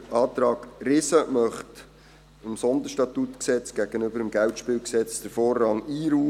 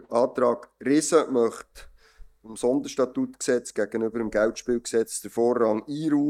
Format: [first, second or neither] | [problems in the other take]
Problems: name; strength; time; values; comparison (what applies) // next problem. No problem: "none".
first | noise reduction (neural mask model DeepFilterNet 3)